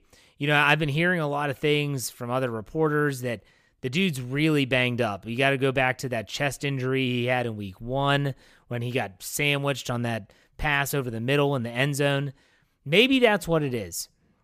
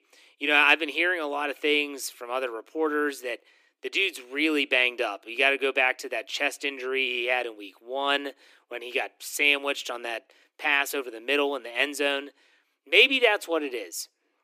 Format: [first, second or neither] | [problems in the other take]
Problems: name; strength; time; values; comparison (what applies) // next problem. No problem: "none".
first | thin; somewhat; fading below 300 Hz